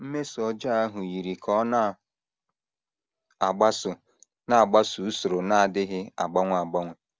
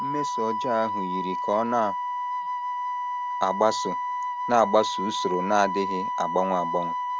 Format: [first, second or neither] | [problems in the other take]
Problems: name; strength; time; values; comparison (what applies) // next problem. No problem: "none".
first | background sound (Wind instrument, woodwind instrument); 2 dB below the speech